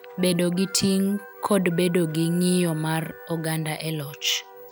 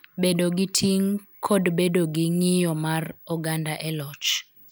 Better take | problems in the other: second | background sound (Harmonica + Wind instrument, woodwind instrument); 19 dB below the speech

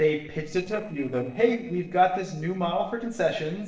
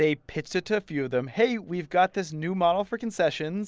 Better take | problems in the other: second | noise reduction (neural separator model SepFormer DNS4)

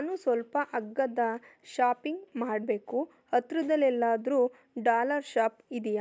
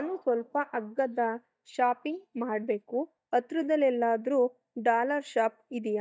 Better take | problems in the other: first | noise reduction (neural mask model DeepFilterNet 3)

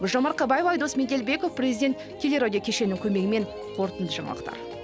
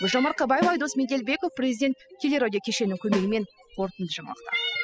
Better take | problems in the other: first | noise reduction (classical method spectral subtraction)

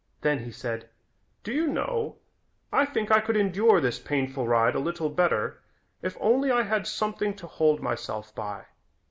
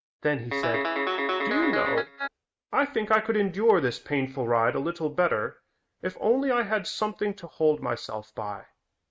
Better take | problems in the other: first | noise reduction (neural mask model RNNoise)

